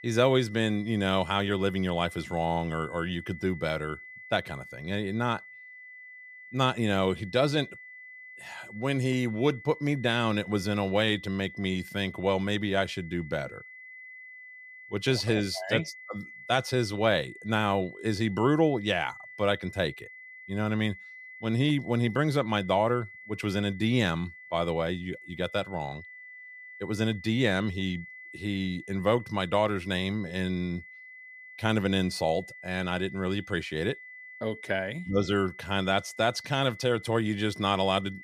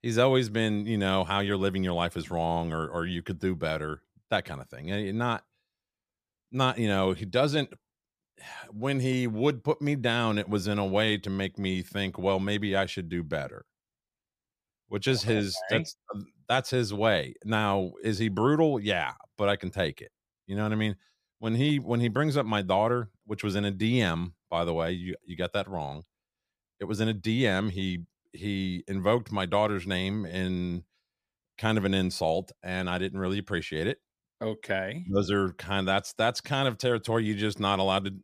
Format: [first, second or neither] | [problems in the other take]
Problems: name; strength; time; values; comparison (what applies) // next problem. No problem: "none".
second | high-pitched whine; noticeable; throughout; 2 kHz, 15 dB below the speech